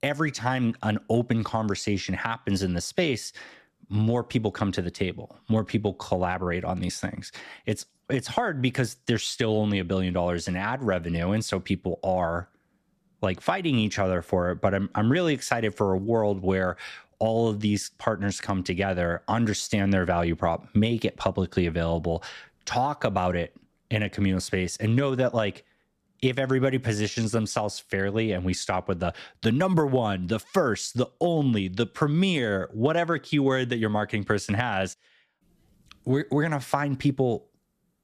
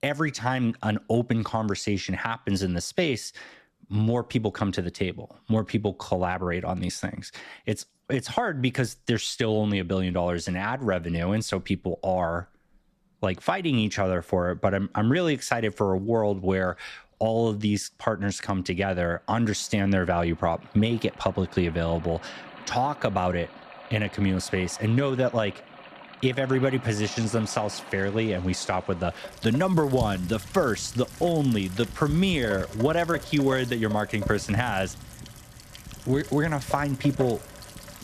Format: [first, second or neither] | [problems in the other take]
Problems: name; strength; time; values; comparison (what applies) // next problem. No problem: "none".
first | rain or running water; noticeable; throughout; 15 dB below the speech